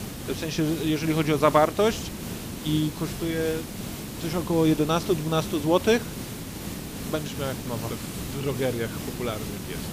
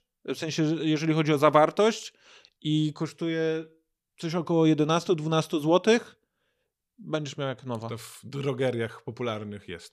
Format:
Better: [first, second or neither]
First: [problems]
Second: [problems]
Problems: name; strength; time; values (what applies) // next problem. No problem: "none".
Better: second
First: hiss; loud; throughout; 8 dB below the speech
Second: none